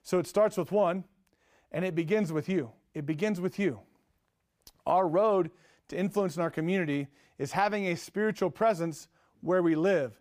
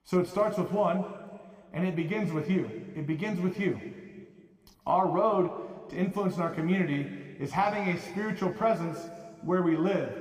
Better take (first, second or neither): first